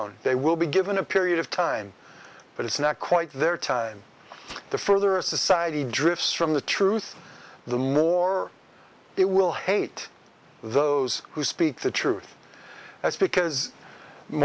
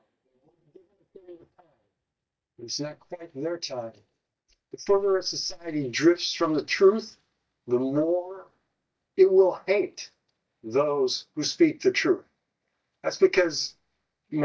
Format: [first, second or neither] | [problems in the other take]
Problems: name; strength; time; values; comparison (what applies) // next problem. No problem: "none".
first | noise reduction (neural mask model DeepFilterNet 3)